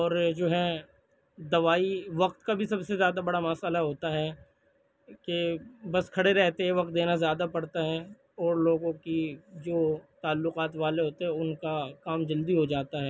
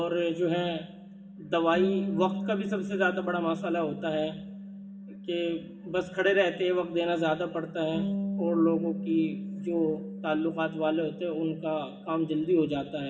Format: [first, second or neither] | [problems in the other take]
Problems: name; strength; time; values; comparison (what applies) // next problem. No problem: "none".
first | background sound (Bass guitar); 8 dB below the speech // room echo; dies away in 0.9 s